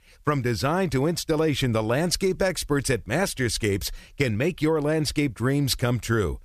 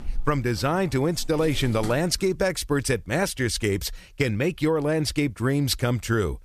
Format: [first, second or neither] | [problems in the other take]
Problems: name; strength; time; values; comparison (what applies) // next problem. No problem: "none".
first | household noises; noticeable; until 2 s; 15 dB below the speech